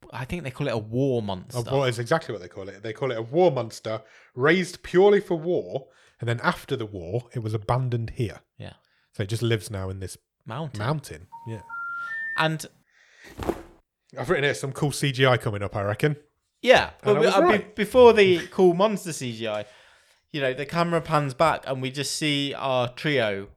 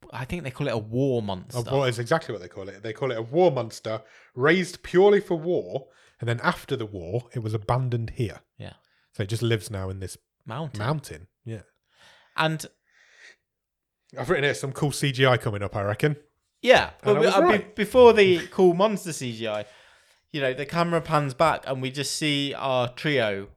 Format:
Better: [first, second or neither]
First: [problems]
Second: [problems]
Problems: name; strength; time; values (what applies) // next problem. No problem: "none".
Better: second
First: phone ringing; noticeable; from 11 to 12 s; peak 6 dB below the speech // footsteps; noticeable; at 13 s; peak 8 dB below the speech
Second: none